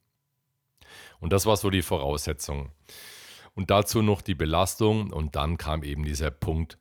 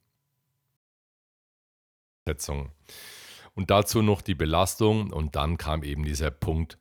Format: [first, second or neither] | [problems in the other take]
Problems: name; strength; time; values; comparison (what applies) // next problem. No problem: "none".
first | audio cutting out; at 1 s for 1.5 s